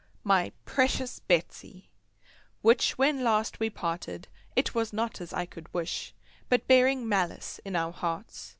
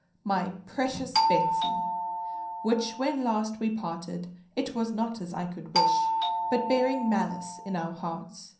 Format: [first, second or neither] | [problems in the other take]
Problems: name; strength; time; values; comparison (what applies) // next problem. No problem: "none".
first | background sound (Doorbell); 2 dB above the speech // room echo; dies away in 0.6 s